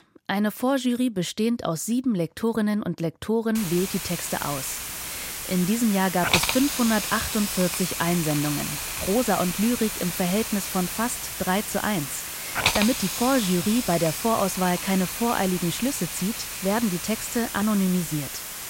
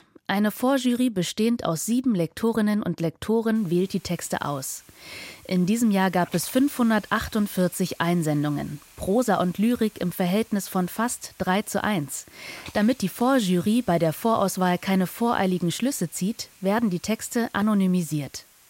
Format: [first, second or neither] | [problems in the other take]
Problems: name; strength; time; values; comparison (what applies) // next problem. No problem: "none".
second | hiss; loud; from 3.5 s on; 3 dB below the speech; faint in the second